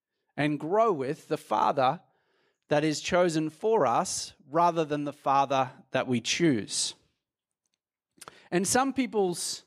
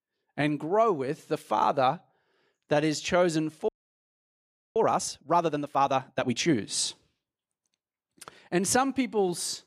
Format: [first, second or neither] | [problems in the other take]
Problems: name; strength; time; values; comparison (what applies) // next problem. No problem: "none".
first | audio freezing; at 3.5 s for 1 s